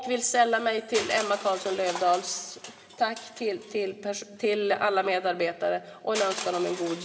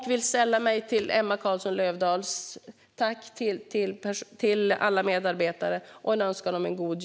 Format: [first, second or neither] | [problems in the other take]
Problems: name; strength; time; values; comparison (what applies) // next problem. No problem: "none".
second | background sound (Crushing); 13 dB below the speech // room echo; dies away in 2.5 s